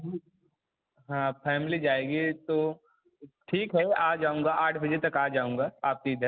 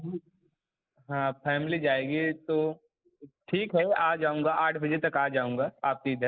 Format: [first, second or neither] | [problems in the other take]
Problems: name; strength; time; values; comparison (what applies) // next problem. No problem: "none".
first | noise reduction (neural mask model Resemble Enhance denoiser)